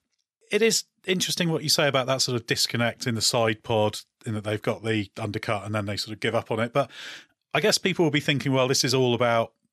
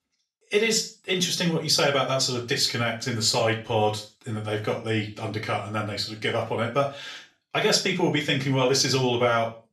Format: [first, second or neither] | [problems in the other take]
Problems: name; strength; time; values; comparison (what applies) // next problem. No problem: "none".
first | room echo; slight; dies away in 0.3 s // off-mic speech; far